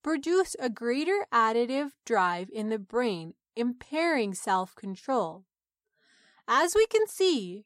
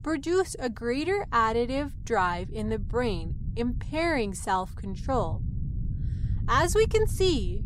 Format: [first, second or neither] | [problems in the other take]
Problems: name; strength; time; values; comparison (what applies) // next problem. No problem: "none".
first | low rumble; faint; throughout; 20 dB below the speech